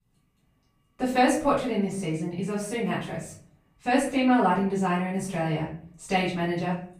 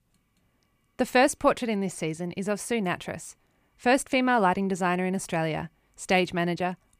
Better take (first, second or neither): second